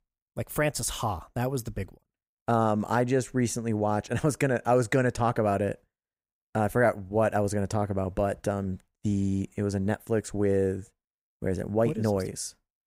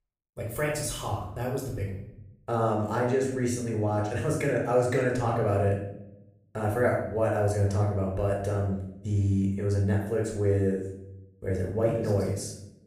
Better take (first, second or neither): first